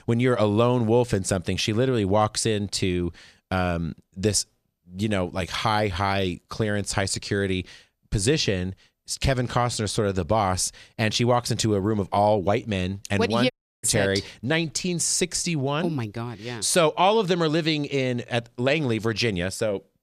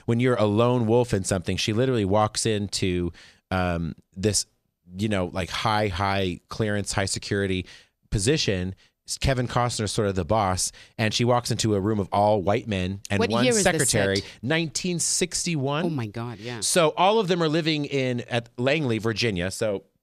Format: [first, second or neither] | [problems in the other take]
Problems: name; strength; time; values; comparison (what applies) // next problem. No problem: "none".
second | audio cutting out; at 14 s